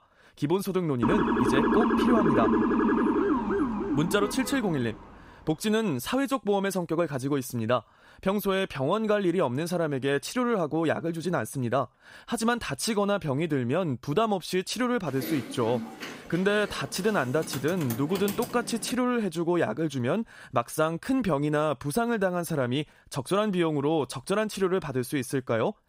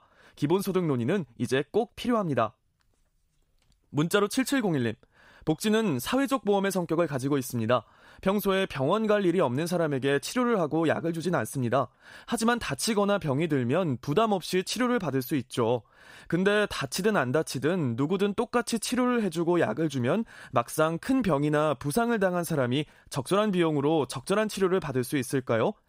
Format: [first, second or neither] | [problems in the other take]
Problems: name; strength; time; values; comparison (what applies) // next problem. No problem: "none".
second | siren; loud; from 1 to 5 s; peak 4 dB above the speech // keyboard typing; noticeable; from 15 to 19 s; peak 8 dB below the speech